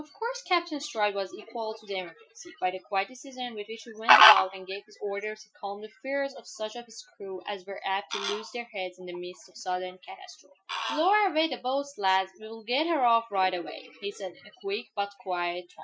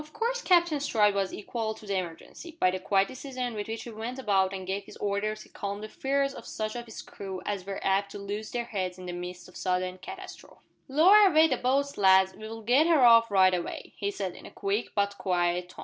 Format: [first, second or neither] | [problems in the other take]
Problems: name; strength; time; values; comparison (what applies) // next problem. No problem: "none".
second | noise reduction (classical method Wiener filter)